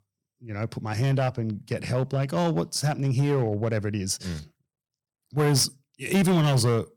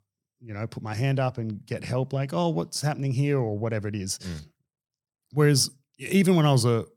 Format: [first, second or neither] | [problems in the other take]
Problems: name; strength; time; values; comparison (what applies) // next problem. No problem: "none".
second | distortion; slight; 6% of the sound clipped